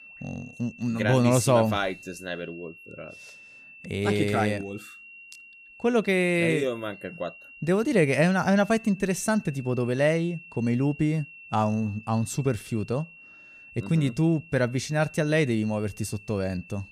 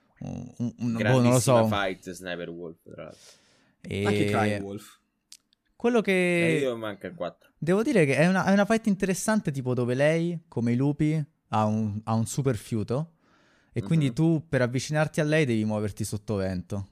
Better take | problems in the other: second | high-pitched whine; noticeable; throughout; 2.5 kHz, 20 dB below the speech

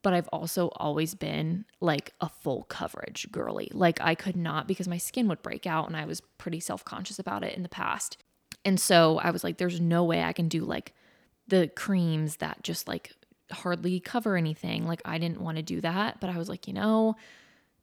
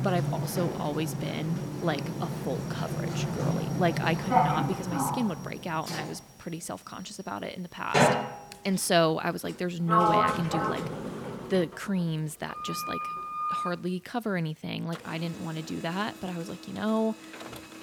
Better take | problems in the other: first | household noises; very loud; throughout; 2 dB above the speech

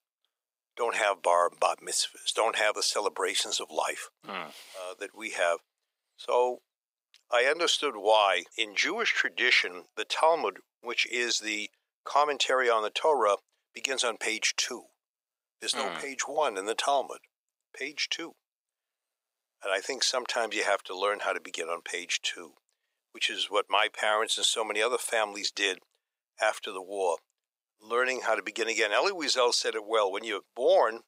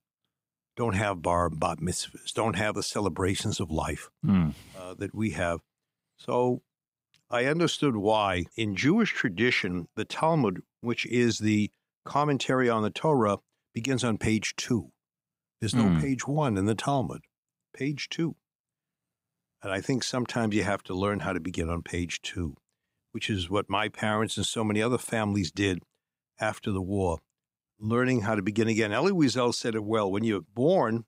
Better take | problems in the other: second | thin; very; fading below 500 Hz

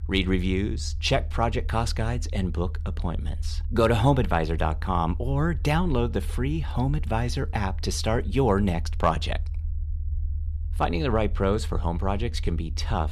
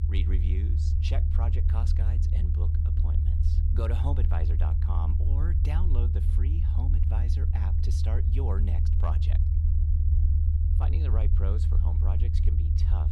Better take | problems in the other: first | low rumble; loud; throughout; as loud as the speech; faint in the first

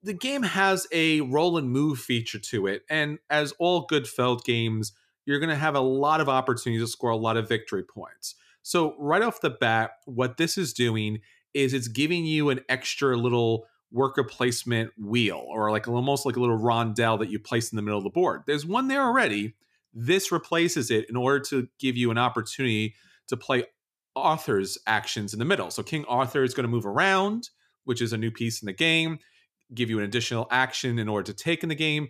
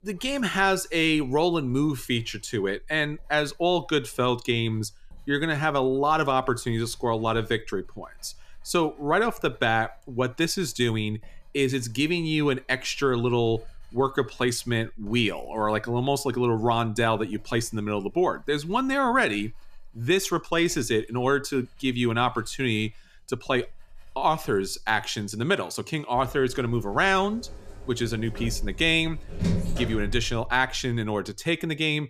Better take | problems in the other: first | household noises; noticeable; throughout; 15 dB below the speech

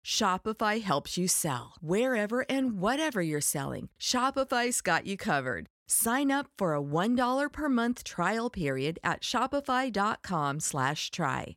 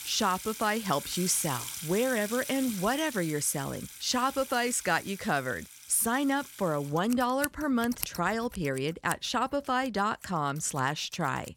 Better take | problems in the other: first | household noises; noticeable; throughout; 10 dB below the speech

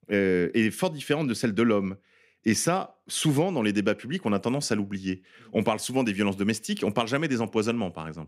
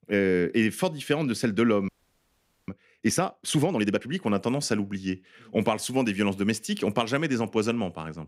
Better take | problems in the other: first | audio freezing; at 2 s for 1 s

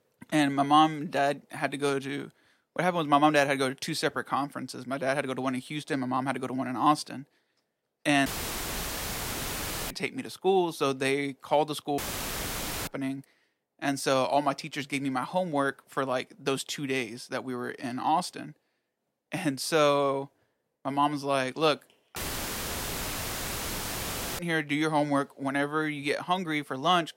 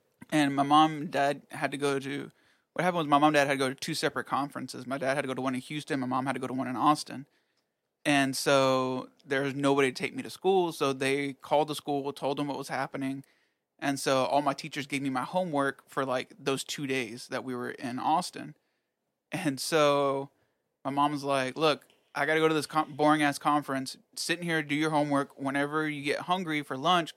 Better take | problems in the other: second | audio cutting out; filled with static; at 8.5 s for 1.5 s, at 12 s for 1 s and at 22 s for 2 s

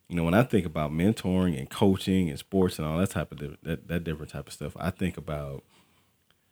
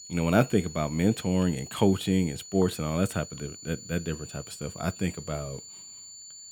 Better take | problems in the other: first | high-pitched whine; noticeable; throughout; 7 kHz, 15 dB below the speech

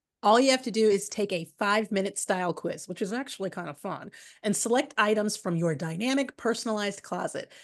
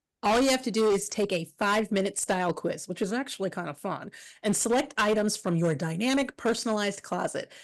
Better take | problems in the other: first | distortion; slight; 8% of the sound clipped

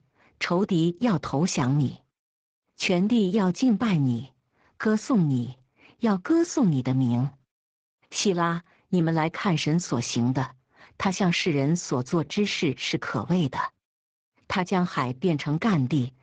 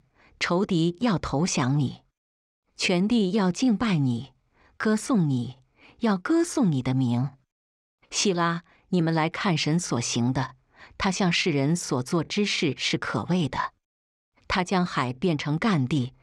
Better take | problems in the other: second | garbled, watery; slightly

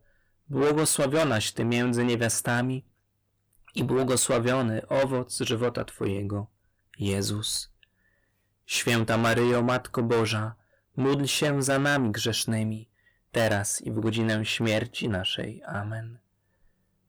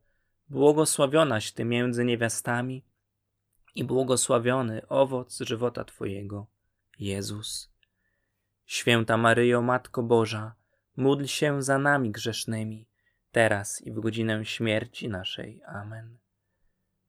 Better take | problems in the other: second | distortion; heavy; 6 dB below the speech

